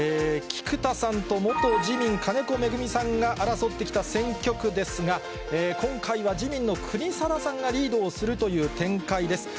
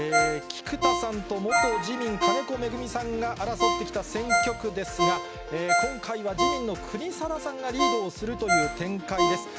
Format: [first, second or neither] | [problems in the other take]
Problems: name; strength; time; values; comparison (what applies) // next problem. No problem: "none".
first | background sound (Ringtone); 2 dB above the speech